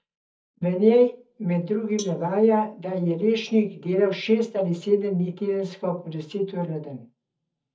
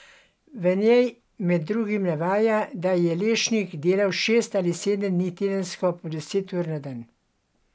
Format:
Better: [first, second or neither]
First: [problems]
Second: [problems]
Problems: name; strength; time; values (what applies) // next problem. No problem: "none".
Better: second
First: noise reduction (neural mask model DeepFilterNet 3)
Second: none